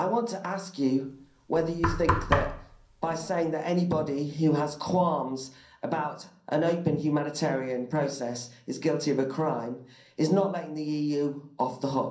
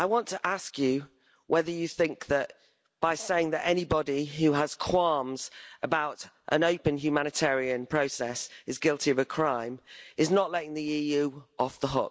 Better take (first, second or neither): second